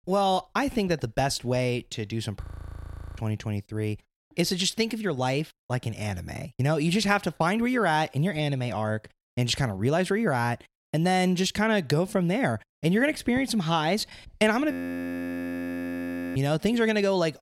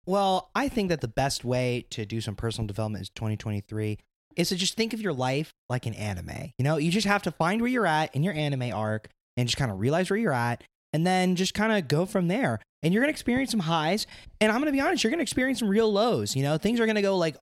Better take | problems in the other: second | audio freezing; at 2.5 s for 0.5 s and at 15 s for 1.5 s

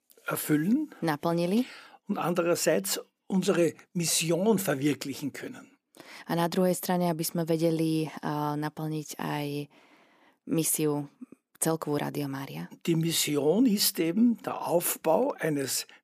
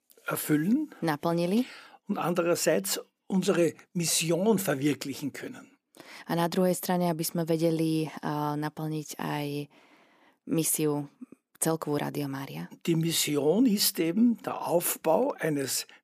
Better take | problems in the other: neither | none

